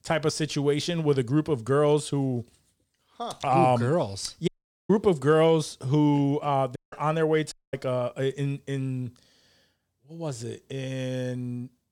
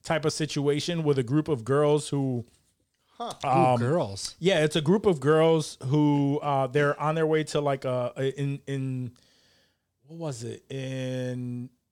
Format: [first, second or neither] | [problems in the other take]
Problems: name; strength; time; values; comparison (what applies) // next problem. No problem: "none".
second | audio cutting out; at 4.5 s, at 7 s and at 7.5 s